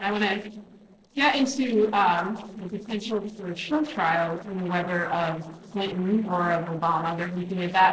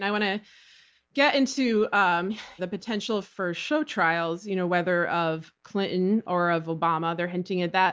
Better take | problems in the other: second | noise reduction (neural separator model SepFormer DNS4)

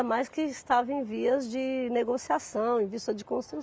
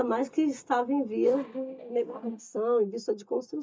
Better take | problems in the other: first | noise reduction (neural mask model DeepFilterNet 3)

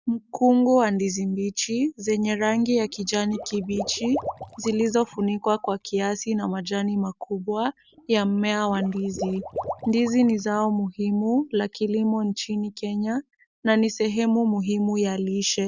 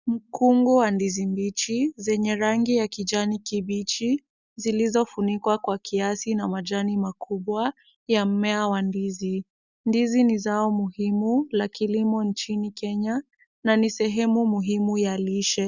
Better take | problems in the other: second | background sound (Water / Liquid); 14 dB below the speech

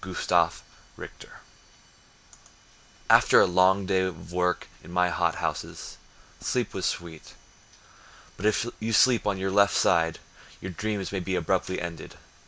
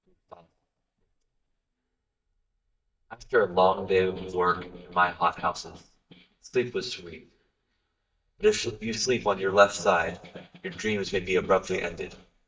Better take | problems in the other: first | noise reduction (neural mask model DeepFilterNet 3)

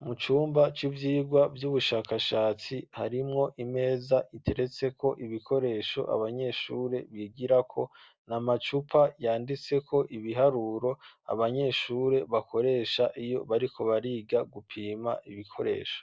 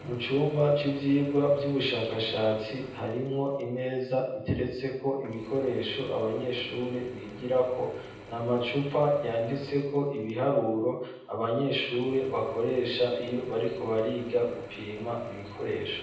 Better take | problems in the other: first | background sound (Drill / Mechanisms); 18 dB below the speech // room echo; dies away in 0.9 s

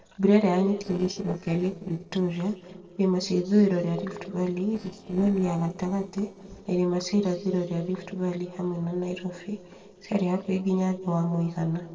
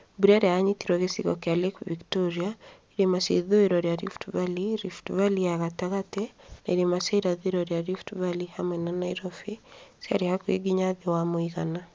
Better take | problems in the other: second | noise reduction (neural separator model SepFormer DNS4)

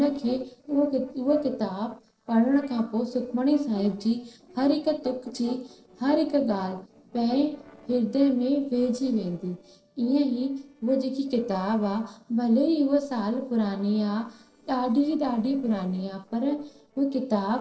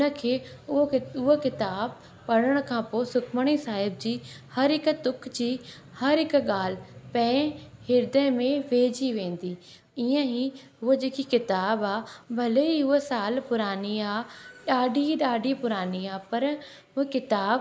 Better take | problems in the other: second | noise reduction (neural separator model SepFormer DNS4)

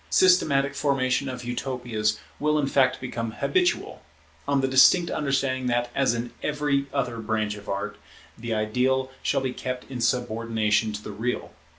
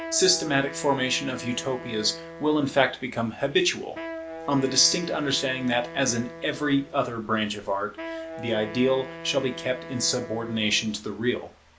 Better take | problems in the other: first | background sound (Wind instrument, woodwind instrument); 13 dB below the speech

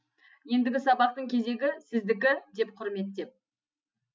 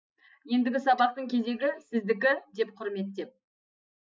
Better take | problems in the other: first | noise reduction (neural mask model Resemble Enhance denoiser)

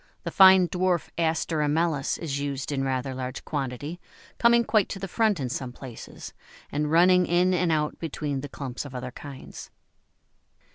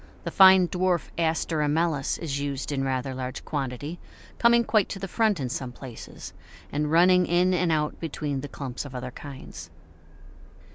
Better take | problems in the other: first | background sound (Subway, metro, underground); 18 dB below the speech

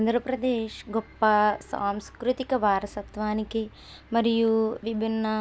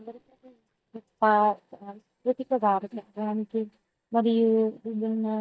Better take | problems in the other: first | noise reduction (neural mask model DeepFilterNet 3)

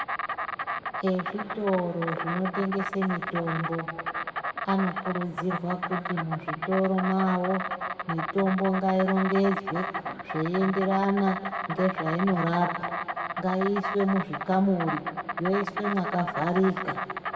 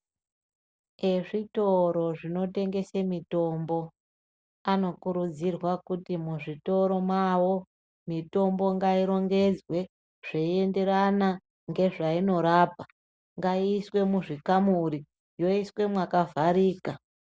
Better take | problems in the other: second | background sound (Insect); 5 dB below the speech // room echo; dies away in 1.8 s

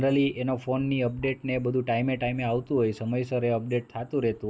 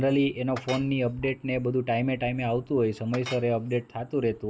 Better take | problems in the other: first | background sound (Chink, clink); 18 dB below the speech

